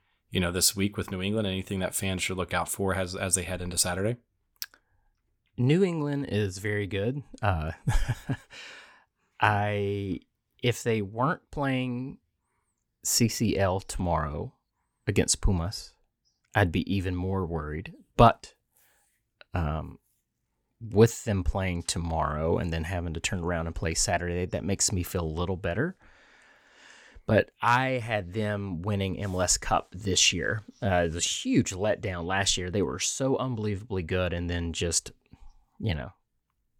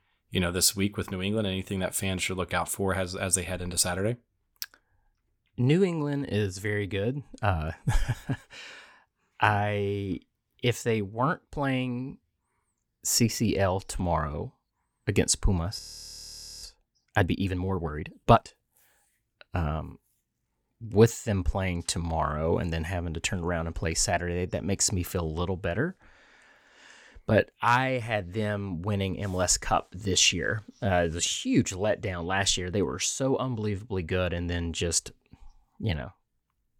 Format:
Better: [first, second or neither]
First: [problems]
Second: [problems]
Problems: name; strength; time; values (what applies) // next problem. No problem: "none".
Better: first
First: none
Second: audio freezing; at 16 s for 1 s